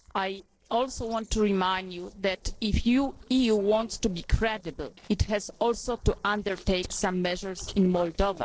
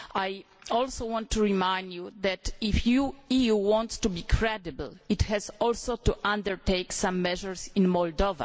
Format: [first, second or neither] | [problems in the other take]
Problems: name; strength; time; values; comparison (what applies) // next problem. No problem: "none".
second | noise reduction (neural separator model SepFormer DNS4)